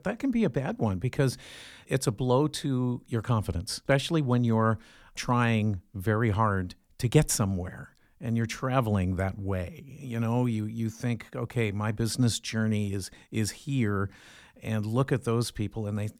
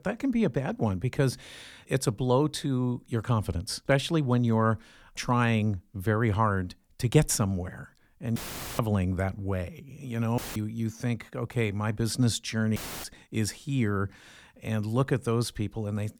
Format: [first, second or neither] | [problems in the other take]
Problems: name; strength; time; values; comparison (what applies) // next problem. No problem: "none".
first | audio cutting out; filled with static; at 8.5 s, at 10 s and at 13 s